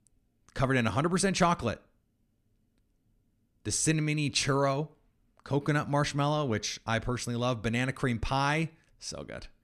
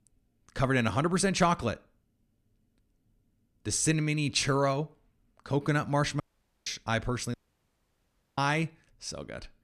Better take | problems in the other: first | audio cutting out; at 6 s and at 7.5 s for 1 s

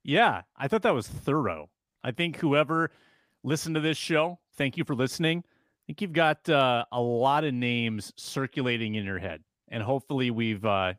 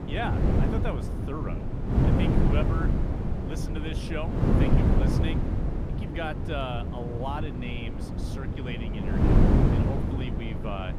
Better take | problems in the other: first | wind noise on the microphone; heavy; 2 dB above the speech

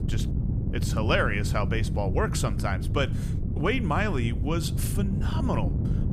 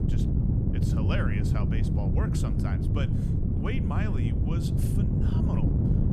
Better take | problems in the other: first | wind noise on the microphone; heavy; 2 dB above the speech; occasional gusts in the first

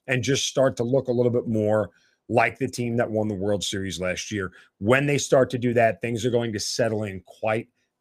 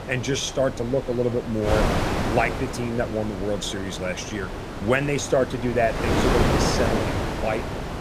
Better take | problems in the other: first | wind noise on the microphone; heavy; 3 dB below the speech

